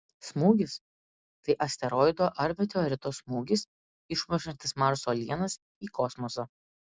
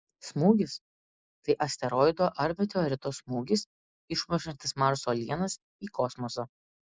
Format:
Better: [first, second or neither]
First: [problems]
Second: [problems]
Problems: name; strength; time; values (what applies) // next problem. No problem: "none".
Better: first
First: none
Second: noise reduction (neural mask model Resemble Enhance denoiser)